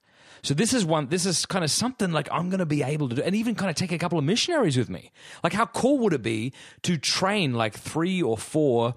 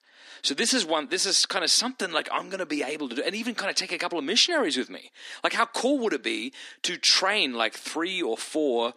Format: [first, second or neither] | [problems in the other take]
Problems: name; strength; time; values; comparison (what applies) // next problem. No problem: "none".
first | thin; very slightly; fading below 250 Hz